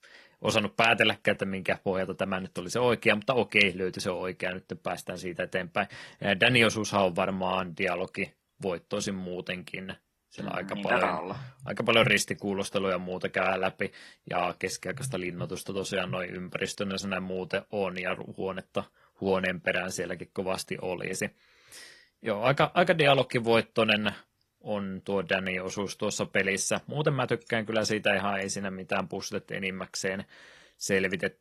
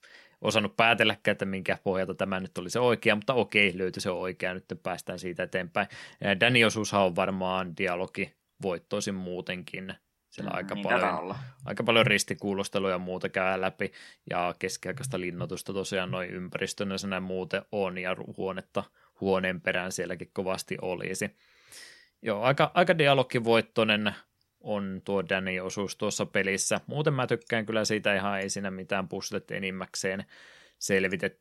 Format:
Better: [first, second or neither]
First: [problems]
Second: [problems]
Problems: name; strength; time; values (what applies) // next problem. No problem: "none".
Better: second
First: garbled, watery; slightly; nothing above 12 kHz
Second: none